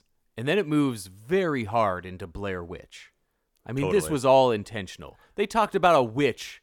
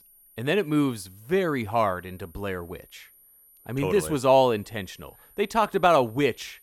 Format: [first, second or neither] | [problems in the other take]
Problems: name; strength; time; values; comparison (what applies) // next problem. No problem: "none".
first | high-pitched whine; faint; throughout; 11.5 kHz, 30 dB below the speech